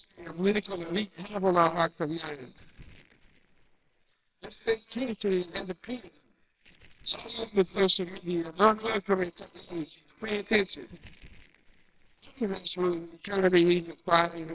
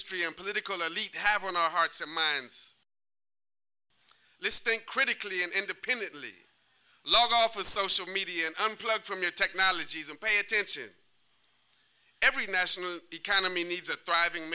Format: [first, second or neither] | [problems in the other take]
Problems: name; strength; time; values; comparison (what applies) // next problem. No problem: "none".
second | noise reduction (neural separator model SepFormer WHAMR!)